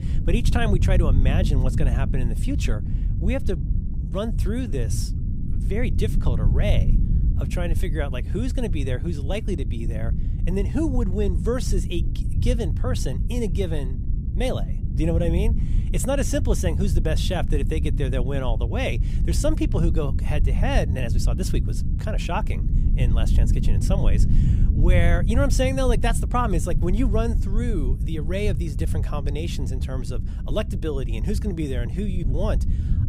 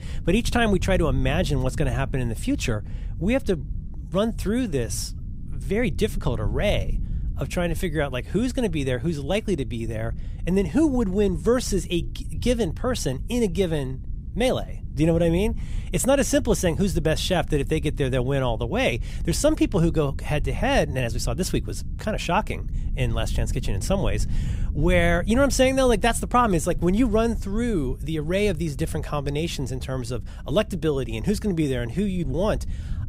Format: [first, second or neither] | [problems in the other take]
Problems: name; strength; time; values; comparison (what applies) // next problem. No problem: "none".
second | low rumble; loud; throughout; 9 dB below the speech; faint in the second